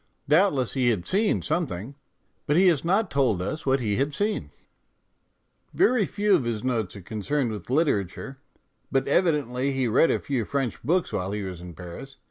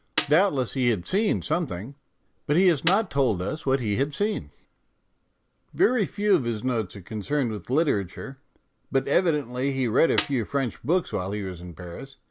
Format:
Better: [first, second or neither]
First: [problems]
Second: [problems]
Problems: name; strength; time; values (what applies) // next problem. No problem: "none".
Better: first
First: none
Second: background sound (Snare drum); 7 dB below the speech